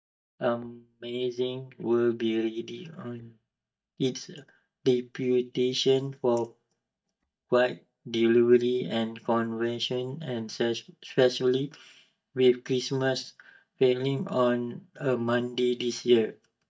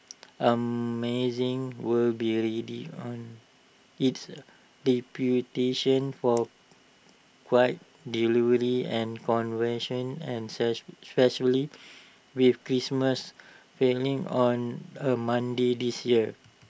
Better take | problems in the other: second | noise reduction (neural mask model DeepFilterNet 3)

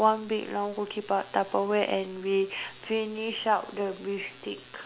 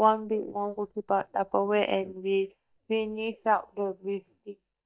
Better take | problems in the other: first | noise reduction (neural mask model DeepFilterNet 3)

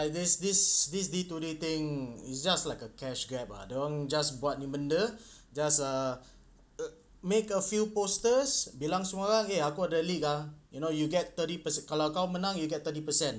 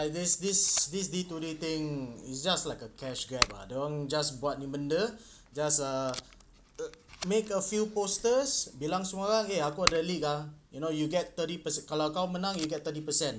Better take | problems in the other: first | background sound (Packing tape, duct tape); 11 dB below the speech

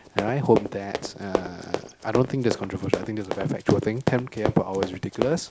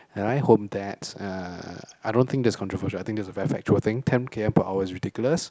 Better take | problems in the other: second | background sound (Run); 5 dB below the speech

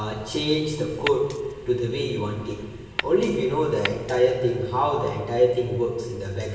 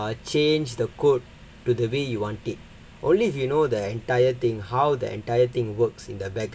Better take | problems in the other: second | background sound (Glass); 11 dB below the speech // room echo; dies away in 1.3 s

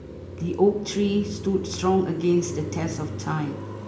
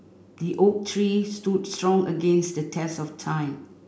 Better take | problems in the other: second | background sound (Car passing by); 10 dB below the speech

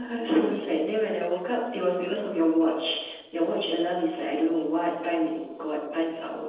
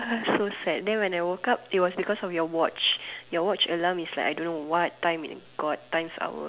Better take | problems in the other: second | noise reduction (neural separator model SepFormer DNS4)

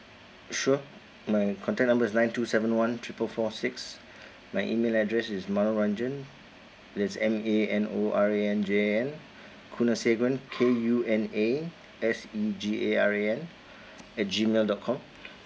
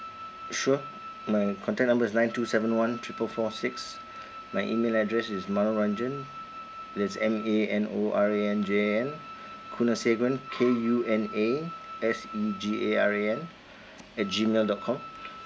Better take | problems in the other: first | background sound (Wind instrument, woodwind instrument); 15 dB below the speech

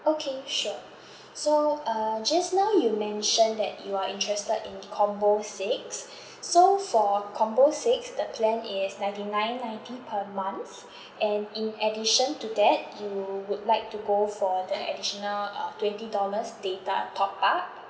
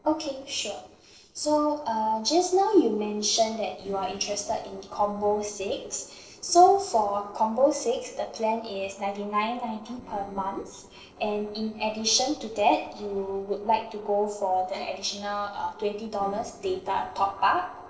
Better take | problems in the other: first | noise reduction (neural separator model SepFormer DNS4)

